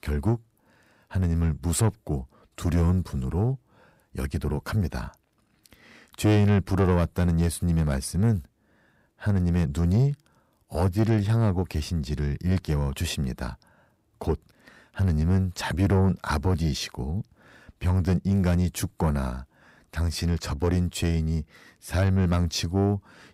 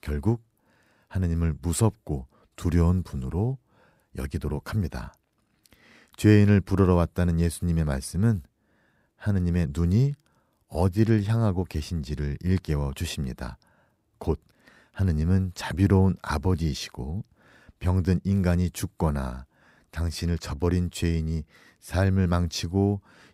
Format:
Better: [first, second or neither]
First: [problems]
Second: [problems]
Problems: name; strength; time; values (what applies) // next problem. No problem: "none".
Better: second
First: distortion; slight; 10 dB below the speech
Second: none